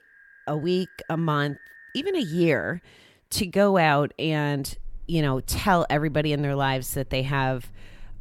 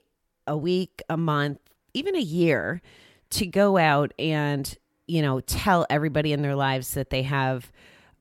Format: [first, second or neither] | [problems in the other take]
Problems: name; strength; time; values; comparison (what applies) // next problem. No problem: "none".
second | alarms or sirens; faint; throughout; 25 dB below the speech